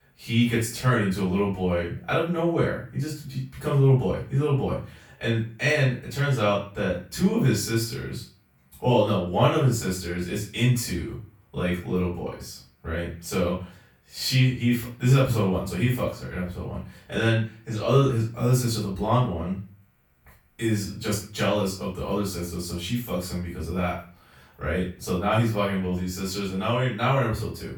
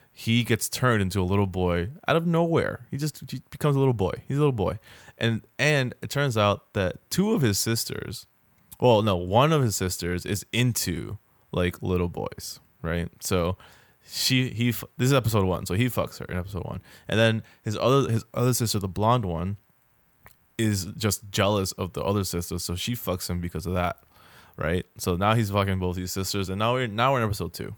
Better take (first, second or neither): second